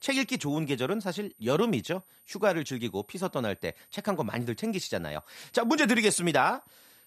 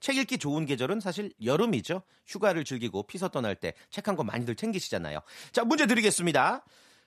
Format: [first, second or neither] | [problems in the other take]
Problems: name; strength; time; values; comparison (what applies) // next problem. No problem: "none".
second | high-pitched whine; faint; throughout; 12 kHz, 30 dB below the speech